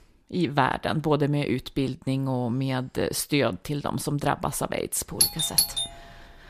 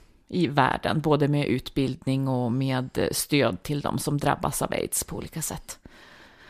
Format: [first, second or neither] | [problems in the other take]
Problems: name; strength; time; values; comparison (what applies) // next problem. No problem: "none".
second | doorbell; loud; at 5 s; peak 6 dB above the speech